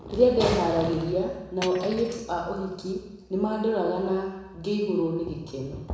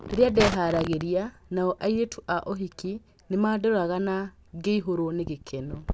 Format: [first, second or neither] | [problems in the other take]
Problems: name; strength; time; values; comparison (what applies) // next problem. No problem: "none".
second | background sound (Cutlery, silverware); 12 dB below the speech // room echo; dies away in 1 s